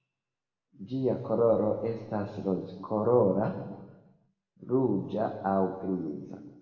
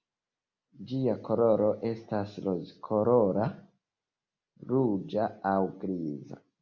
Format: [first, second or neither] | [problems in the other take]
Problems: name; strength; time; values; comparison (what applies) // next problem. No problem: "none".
second | room echo; dies away in 1.3 s